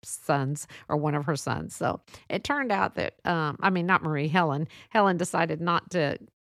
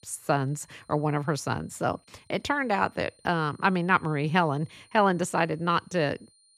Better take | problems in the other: first | high-pitched whine; faint; throughout; 4 kHz, 30 dB below the speech

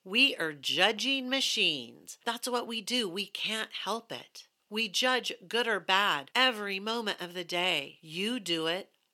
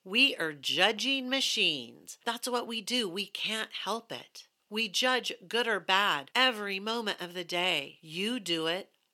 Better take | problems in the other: neither | thin; very slightly; fading below 300 Hz; the same in both

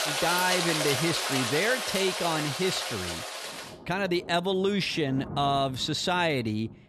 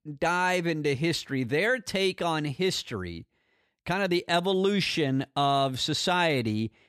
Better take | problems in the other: second | rain or running water; loud; throughout; 2 dB below the speech

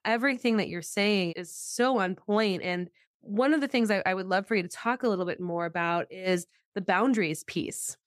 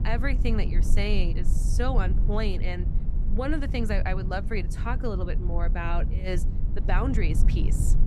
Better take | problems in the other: first | low rumble; noticeable; throughout; 10 dB below the speech

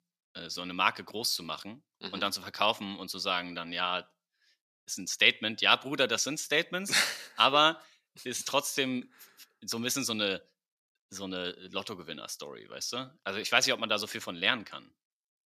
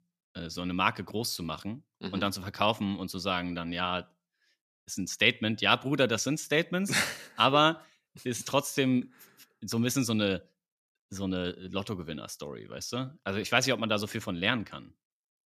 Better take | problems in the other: second | thin; very slightly; fading below 600 Hz

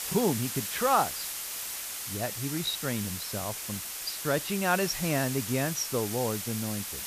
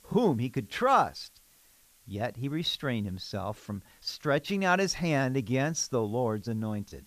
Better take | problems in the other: second | hiss; loud; throughout; 3 dB below the speech; faint in the second

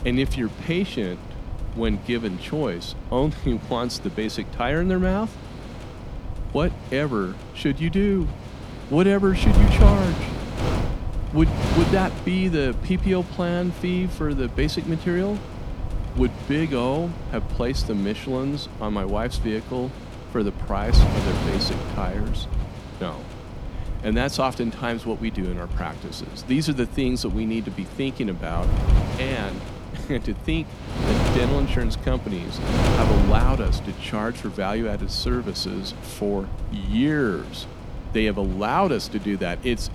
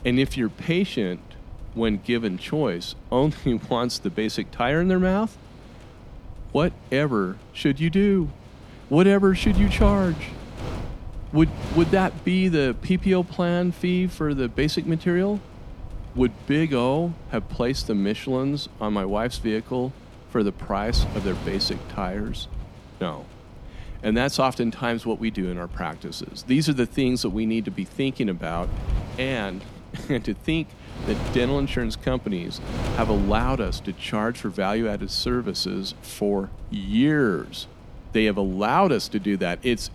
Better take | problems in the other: second | wind noise on the microphone; heavy; 8 dB below the speech; occasional gusts in the second

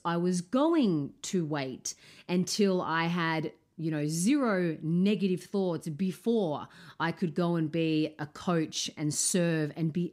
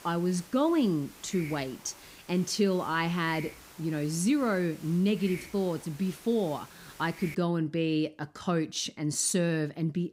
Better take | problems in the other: first | hiss; noticeable; until 7.5 s; 20 dB below the speech

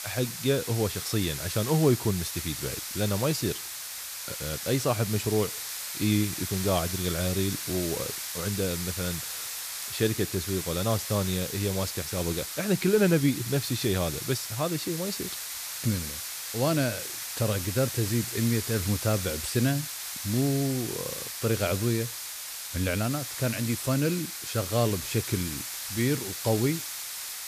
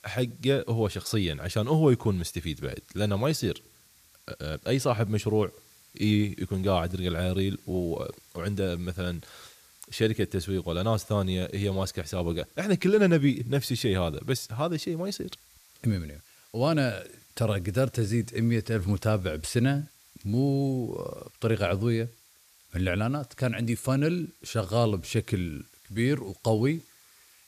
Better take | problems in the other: second | hiss; loud; throughout; 4 dB below the speech; faint in the second

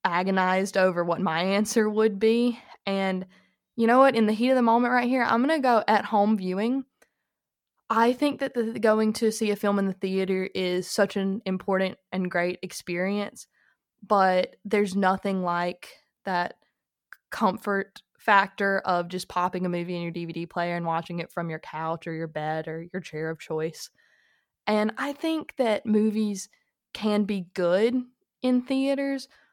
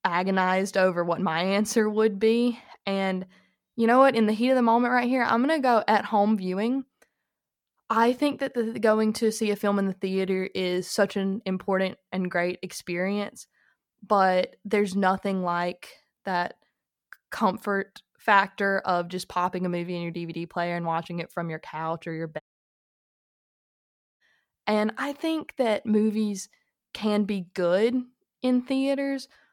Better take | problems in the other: first | audio cutting out; at 22 s for 2 s

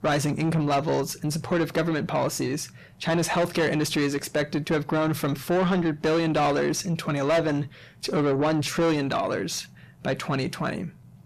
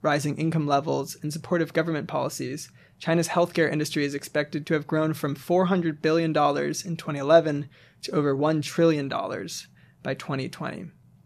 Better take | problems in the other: second | distortion; heavy; 7 dB below the speech

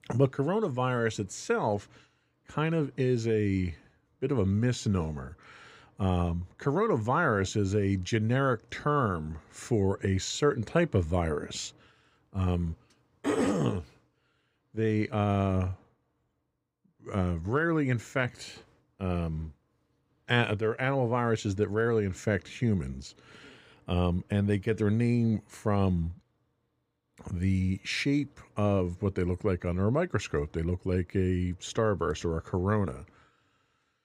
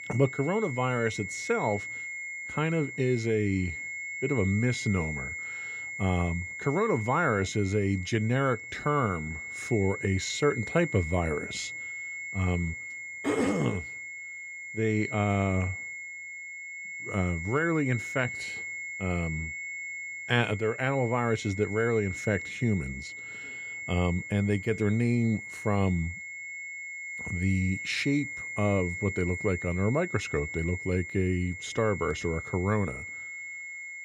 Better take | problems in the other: first | high-pitched whine; loud; throughout; 2 kHz, 7 dB below the speech

